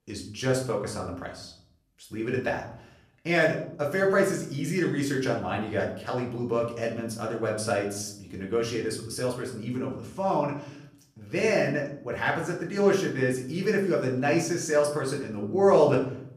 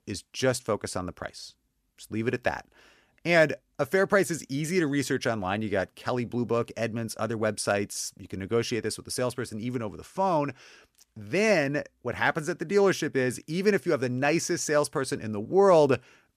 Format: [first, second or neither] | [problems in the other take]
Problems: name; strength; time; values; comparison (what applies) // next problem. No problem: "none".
second | off-mic speech; far // room echo; slight; dies away in 0.6 s